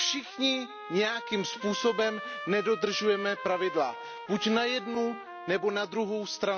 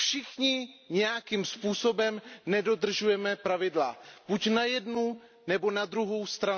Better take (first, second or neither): second